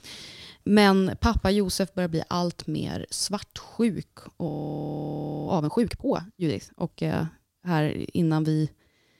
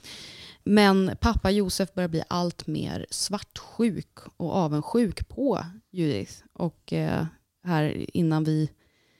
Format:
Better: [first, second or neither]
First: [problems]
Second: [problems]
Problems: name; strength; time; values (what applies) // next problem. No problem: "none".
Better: second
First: audio freezing; at 4.5 s for 1 s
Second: none